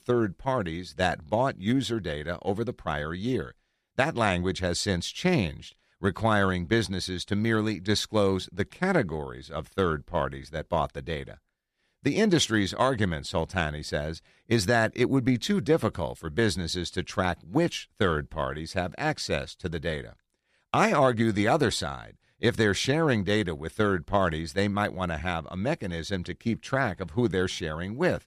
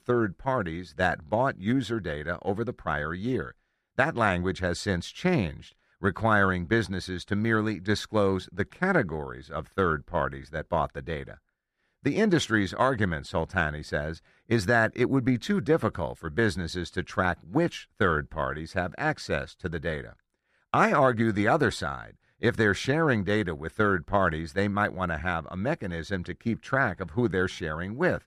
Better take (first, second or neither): first